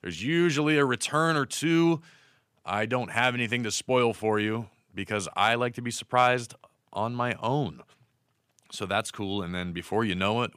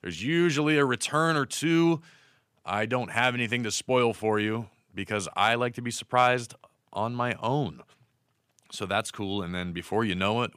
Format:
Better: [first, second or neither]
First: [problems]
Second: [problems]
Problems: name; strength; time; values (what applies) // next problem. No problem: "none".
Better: neither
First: none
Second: none